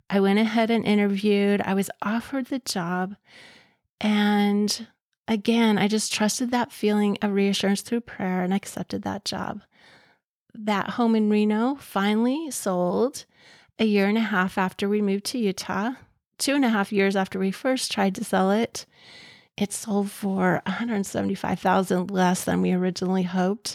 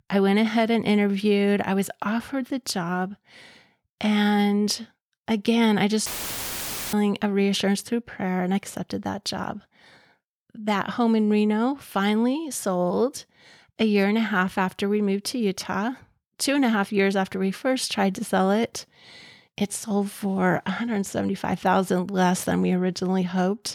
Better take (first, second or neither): first